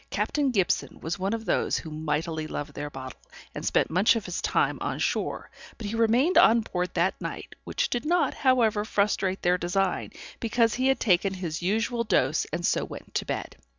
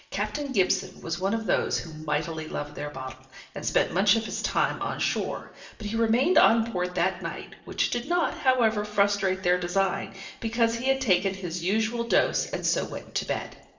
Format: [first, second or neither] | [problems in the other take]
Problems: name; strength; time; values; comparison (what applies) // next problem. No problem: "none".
first | room echo; dies away in 0.7 s